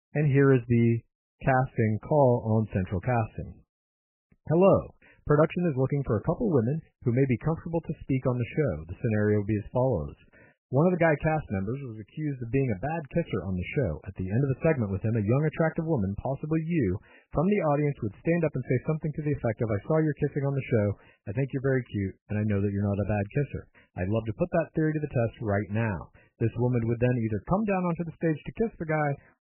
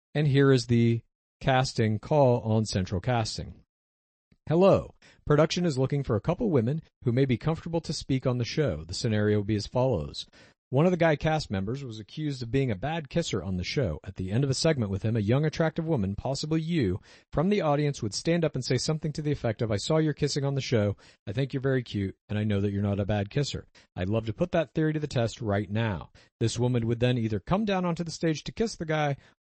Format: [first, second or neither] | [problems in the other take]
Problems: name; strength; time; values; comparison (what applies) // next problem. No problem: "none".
second | garbled, watery; badly; nothing above 2.5 kHz; slightly in the second